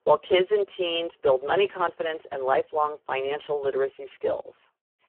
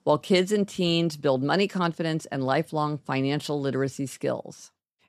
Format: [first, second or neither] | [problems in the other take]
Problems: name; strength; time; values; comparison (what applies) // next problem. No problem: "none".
second | phone-call audio; poor line; nothing above 3 kHz